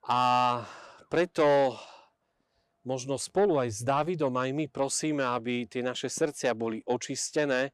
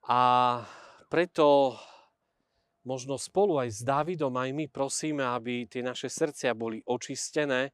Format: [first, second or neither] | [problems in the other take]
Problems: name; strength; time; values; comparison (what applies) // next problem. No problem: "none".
second | distortion; slight; 10 dB below the speech